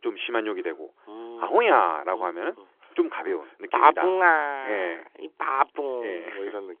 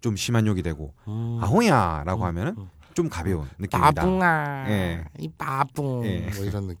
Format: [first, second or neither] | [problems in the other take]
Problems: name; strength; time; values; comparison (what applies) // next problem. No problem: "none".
second | phone-call audio; nothing above 3.5 kHz